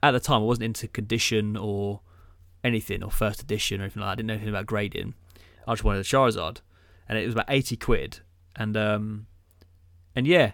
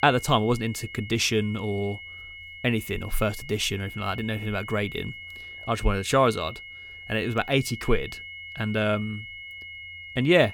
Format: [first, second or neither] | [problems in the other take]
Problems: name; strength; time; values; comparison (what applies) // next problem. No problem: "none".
first | high-pitched whine; noticeable; throughout; 2 kHz, 10 dB below the speech